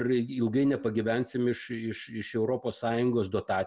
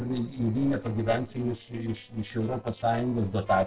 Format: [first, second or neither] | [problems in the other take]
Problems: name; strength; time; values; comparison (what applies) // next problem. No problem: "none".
first | noise reduction (neural separator model SepFormer DNS4)